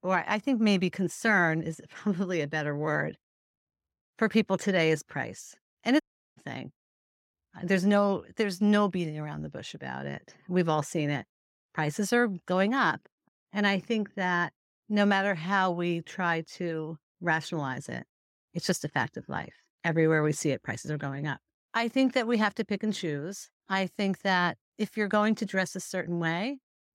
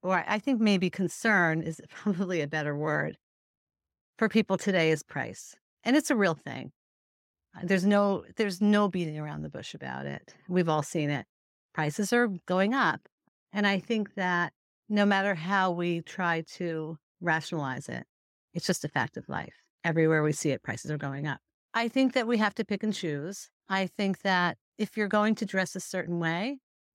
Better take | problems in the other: second | audio cutting out; at 6 s

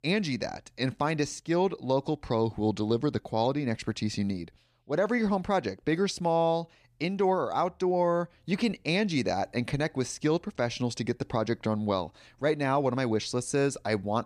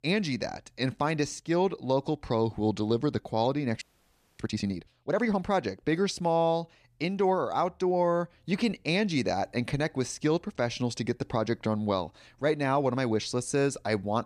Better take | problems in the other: first | audio freezing; at 4 s for 0.5 s

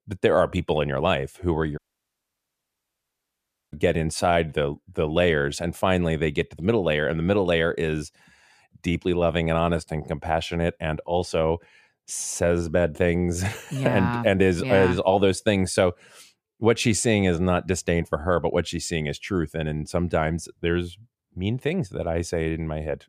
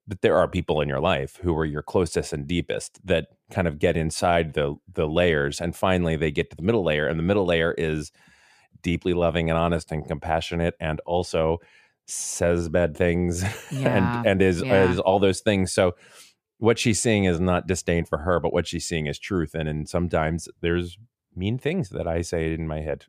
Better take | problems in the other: second | audio cutting out; at 2 s for 2 s

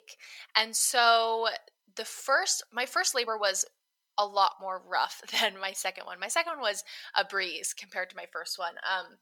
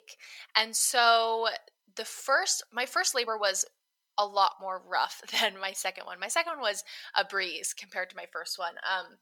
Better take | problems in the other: neither | thin; very; fading below 800 Hz; the same in both

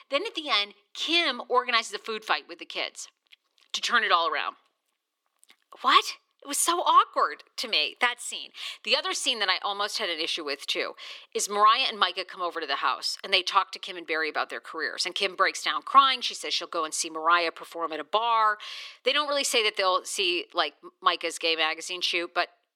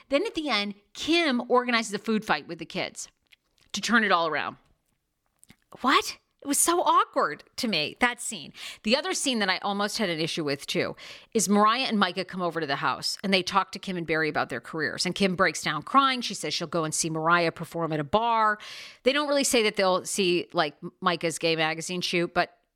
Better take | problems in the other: second | thin; very; fading below 350 Hz

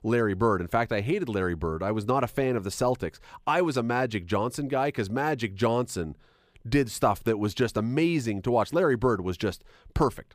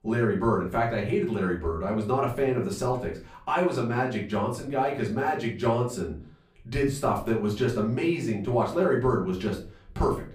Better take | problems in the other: first | room echo; slight; dies away in 0.3 s // off-mic speech; far

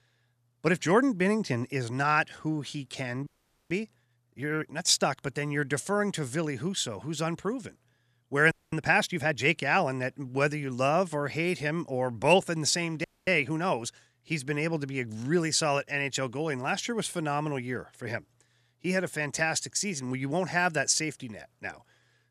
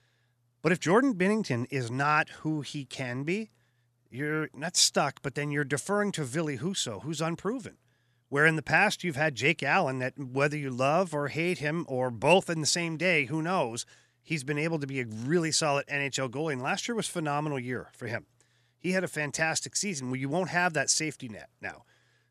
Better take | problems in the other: second | audio freezing; at 3.5 s, at 8.5 s and at 13 s

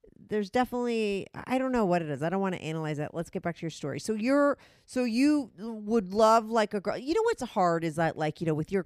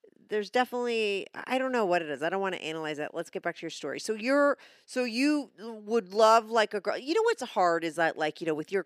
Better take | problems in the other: first | thin; very slightly; fading below 350 Hz

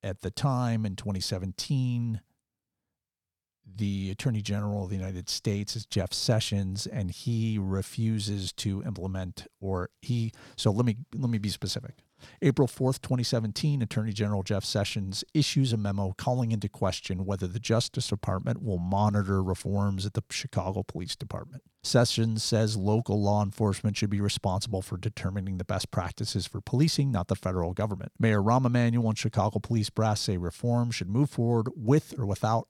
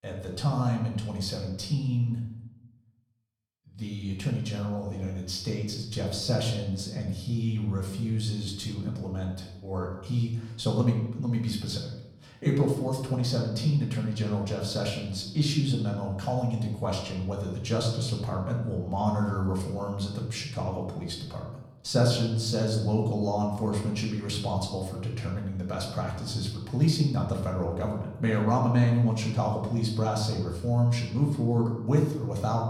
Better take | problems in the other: first | off-mic speech; far // room echo; noticeable; dies away in 0.7 s

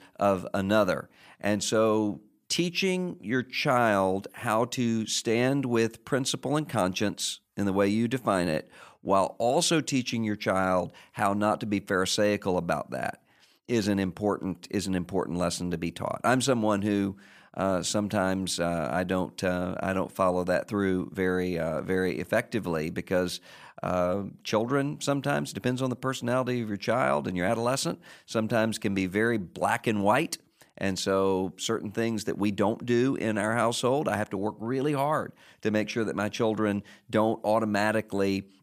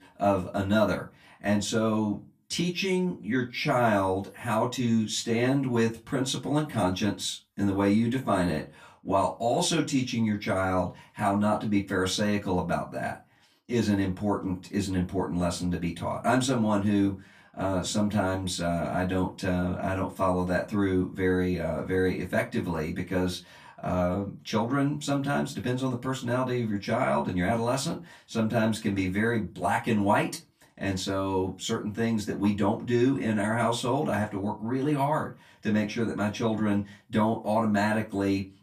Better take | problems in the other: first | off-mic speech; far // room echo; very slight; dies away in 0.2 s

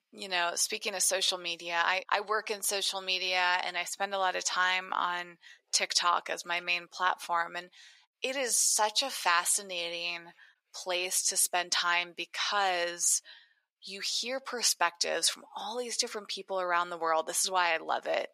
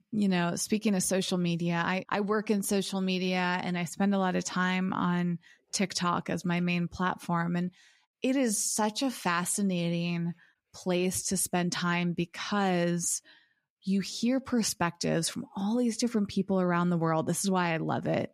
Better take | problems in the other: second | thin; very; fading below 600 Hz

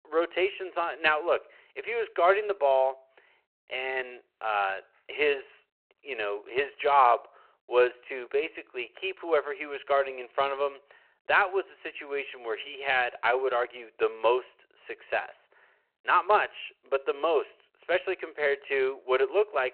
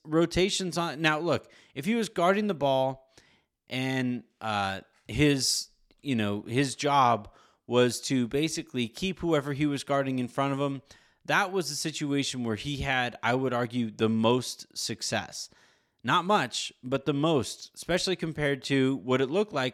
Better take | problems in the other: second | phone-call audio

